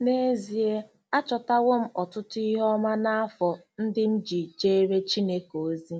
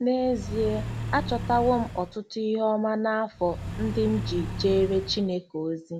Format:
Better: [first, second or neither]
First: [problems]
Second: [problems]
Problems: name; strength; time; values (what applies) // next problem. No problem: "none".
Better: first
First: none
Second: background sound (Accelerating, revving, vroom / Car); 7 dB below the speech